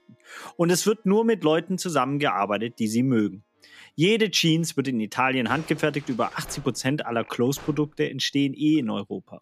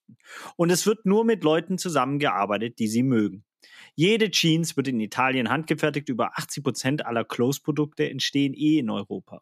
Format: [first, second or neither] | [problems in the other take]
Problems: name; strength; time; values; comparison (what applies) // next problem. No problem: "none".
second | background music; faint; throughout; 25 dB below the speech